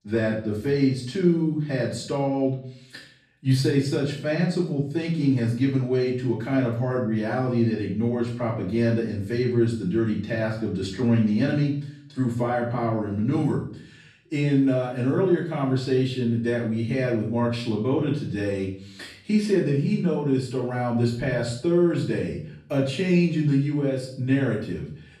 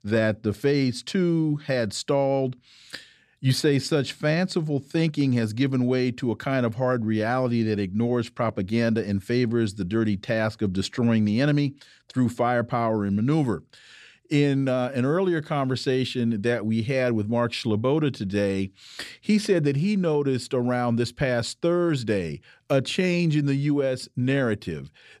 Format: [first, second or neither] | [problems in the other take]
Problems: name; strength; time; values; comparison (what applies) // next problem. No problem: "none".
second | off-mic speech; far // room echo; noticeable; dies away in 0.5 s